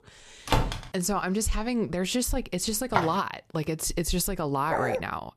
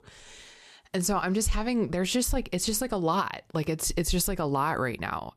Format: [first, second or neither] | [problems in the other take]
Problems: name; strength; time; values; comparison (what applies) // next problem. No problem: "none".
second | door banging; loud; at 0.5 s; peak 1 dB above the speech // footsteps; noticeable; at 3 s; peak 1 dB below the speech // dog barking; noticeable; at 4.5 s; peak 1 dB below the speech